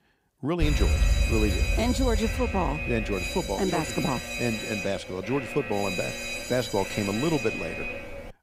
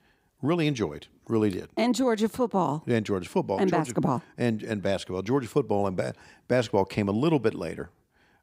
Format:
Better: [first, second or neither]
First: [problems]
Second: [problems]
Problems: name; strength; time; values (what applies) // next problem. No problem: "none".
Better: second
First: alarm; loud; from 0.5 s on; peak 5 dB above the speech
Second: none